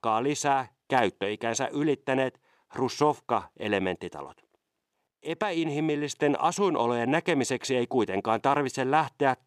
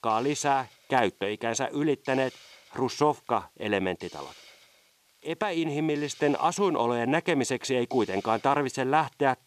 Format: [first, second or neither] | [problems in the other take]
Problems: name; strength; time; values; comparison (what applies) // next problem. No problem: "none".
first | hiss; faint; throughout; 25 dB below the speech